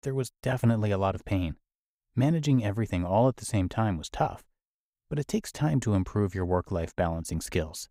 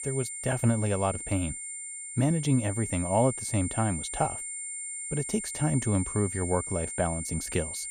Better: first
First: none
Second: high-pitched whine; loud; throughout; 9 kHz, 5 dB below the speech

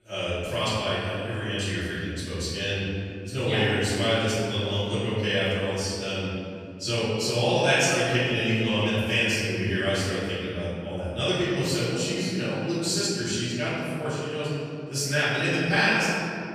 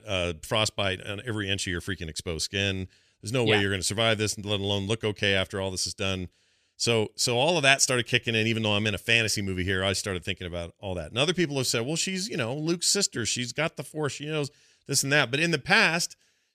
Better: second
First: off-mic speech; far // room echo; strong; dies away in 2.6 s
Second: none

